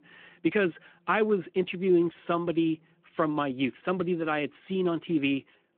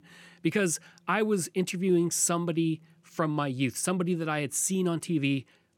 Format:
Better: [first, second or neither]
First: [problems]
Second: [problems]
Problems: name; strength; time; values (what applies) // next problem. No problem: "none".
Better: second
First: phone-call audio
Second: none